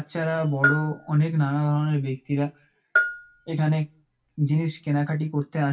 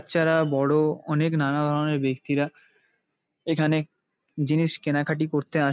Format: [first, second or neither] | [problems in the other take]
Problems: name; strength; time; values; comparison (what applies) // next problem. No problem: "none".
second | background sound (Bell); 6 dB below the speech // room echo; dies away in 0.2 s